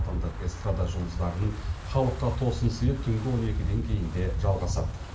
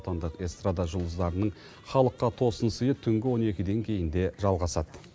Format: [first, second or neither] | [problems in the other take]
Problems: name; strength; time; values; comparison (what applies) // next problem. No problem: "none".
second | background sound (Wind); 2 dB below the speech // room echo; dies away in 0.4 s